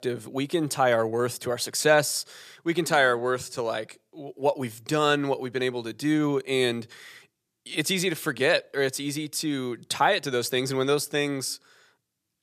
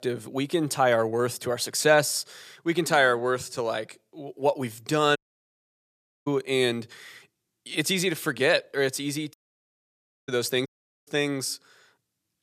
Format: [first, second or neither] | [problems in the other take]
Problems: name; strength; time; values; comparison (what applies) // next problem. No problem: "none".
first | audio cutting out; at 5 s for 1 s, at 9.5 s for 1 s and at 11 s